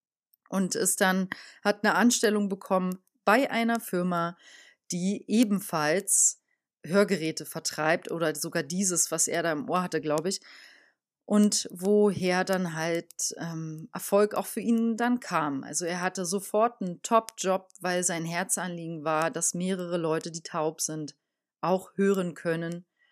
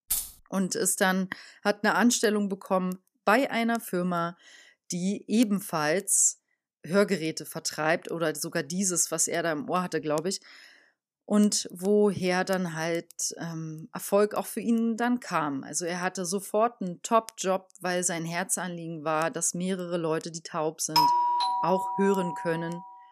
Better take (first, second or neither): first